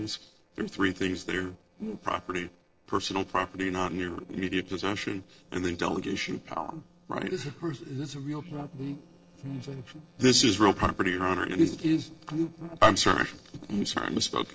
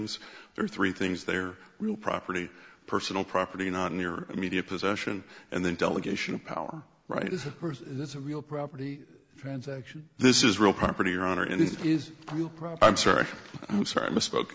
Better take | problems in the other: second | noise reduction (neural separator model SepFormer DNS4)

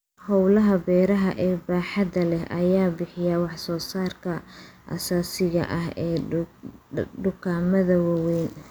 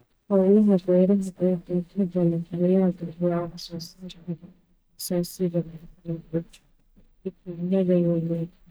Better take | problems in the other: first | noise reduction (neural mask model DeepFilterNet 3)

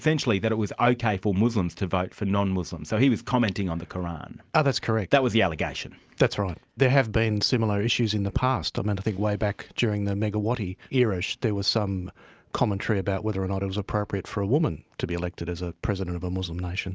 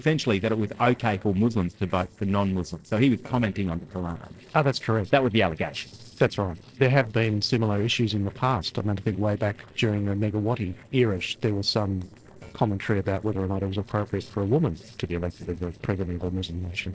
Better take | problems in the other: first | noise reduction (neural separator model SepFormer DNS4)

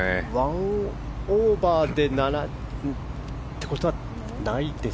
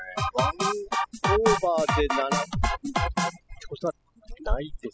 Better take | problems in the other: first | noise reduction (classical method spectral subtraction)

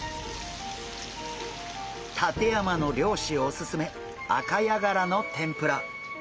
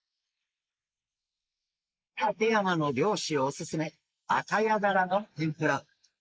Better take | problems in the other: first | noise reduction (neural mask model Resemble Enhance denoiser)

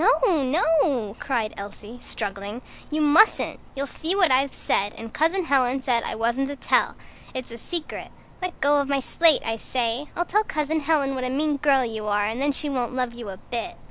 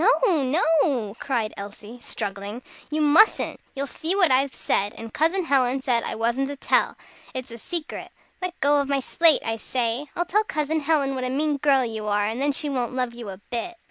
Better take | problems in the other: second | background sound (Insect); 19 dB below the speech

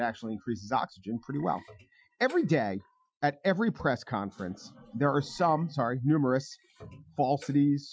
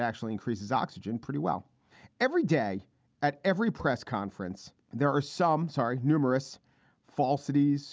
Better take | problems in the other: second | noise reduction (classical method Wiener filter)

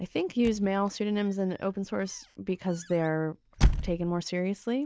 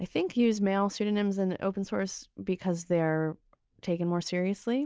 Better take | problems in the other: second | background sound (Squeak / Slam / Wood); 3 dB below the speech

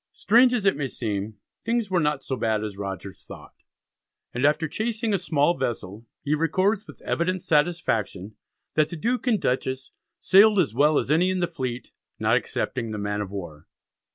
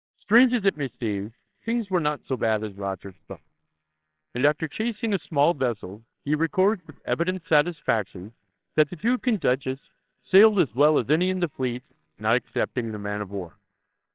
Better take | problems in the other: first | noise reduction (neural separator model SepFormer WHAMR!)

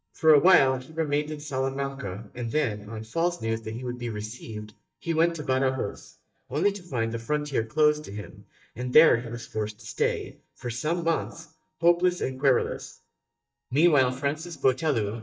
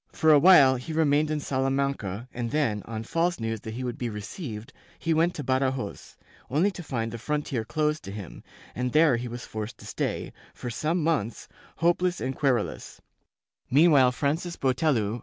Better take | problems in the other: second | noise reduction (neural mask model DeepFilterNet 3)

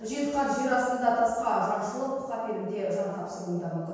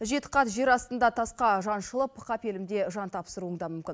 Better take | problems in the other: second | room echo; dies away in 1.2 s

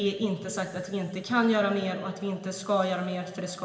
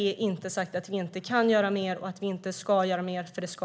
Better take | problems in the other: second | room echo; dies away in 2 s

